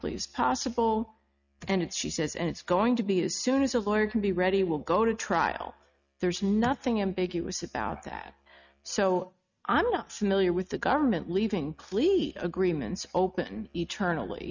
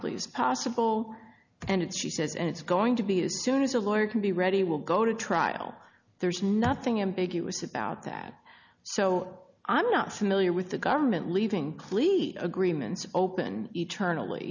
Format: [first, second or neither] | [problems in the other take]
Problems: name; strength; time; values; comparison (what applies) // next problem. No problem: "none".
second | noise reduction (neural mask model RNNoise)